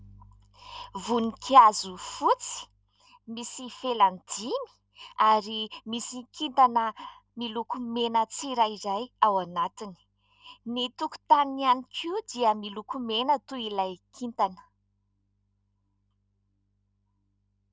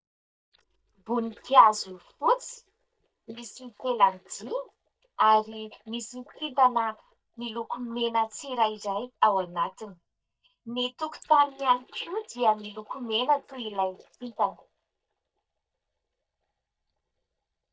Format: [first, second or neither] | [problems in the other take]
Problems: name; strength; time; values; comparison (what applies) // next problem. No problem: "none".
first | noise reduction (neural mask model DeepFilterNet 3)